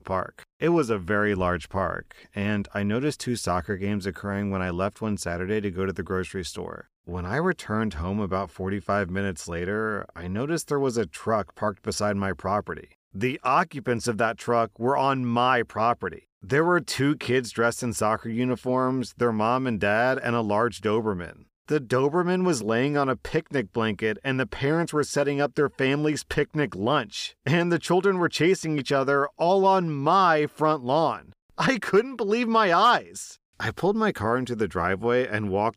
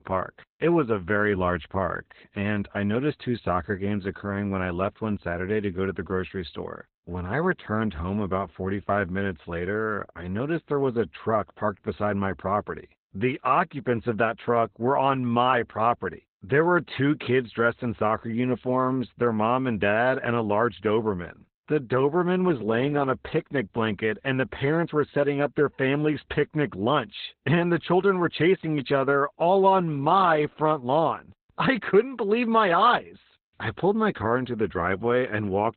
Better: first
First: none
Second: garbled, watery; badly; nothing above 4 kHz

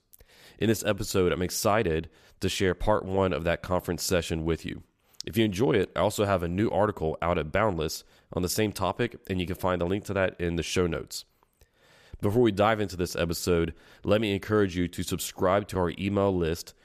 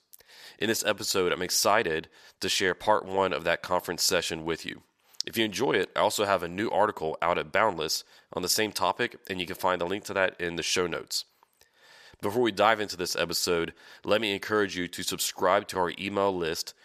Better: first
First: none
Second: thin; somewhat; fading below 1 kHz

